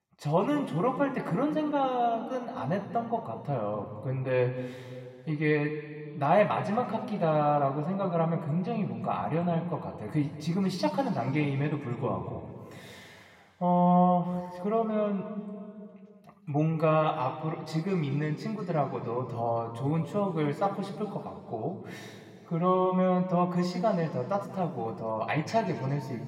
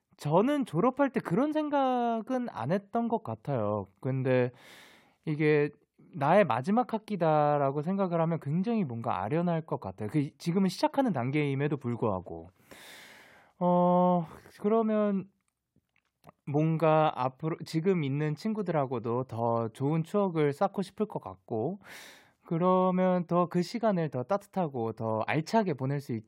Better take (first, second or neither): second